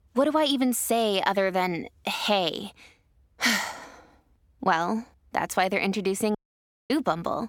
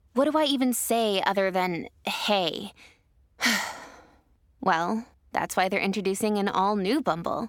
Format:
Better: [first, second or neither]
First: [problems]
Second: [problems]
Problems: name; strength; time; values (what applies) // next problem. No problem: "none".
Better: second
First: audio cutting out; at 6.5 s for 0.5 s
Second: none